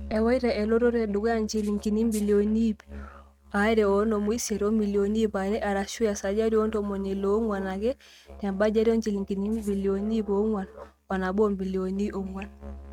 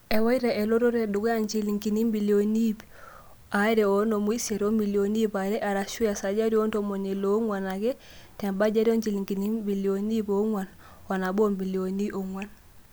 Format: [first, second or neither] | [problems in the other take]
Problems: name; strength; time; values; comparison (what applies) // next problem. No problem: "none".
second | noise reduction (neural mask model RNNoise)